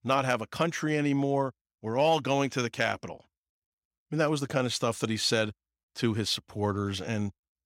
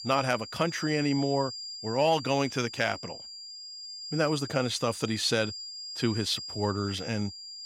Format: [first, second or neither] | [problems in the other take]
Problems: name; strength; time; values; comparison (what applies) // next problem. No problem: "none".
first | high-pitched whine; loud; throughout; 5 kHz, 9 dB below the speech